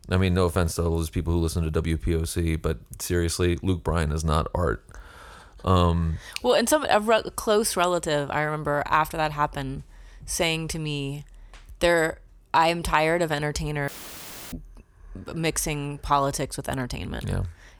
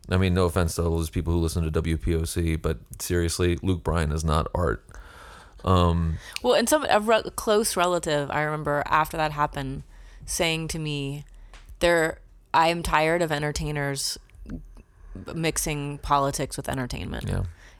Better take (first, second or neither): second